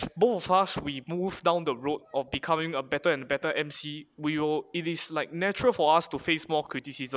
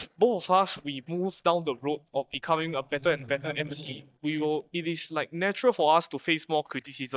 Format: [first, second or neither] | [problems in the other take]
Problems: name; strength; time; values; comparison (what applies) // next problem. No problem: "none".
first | noise reduction (neural mask model DeepFilterNet 3)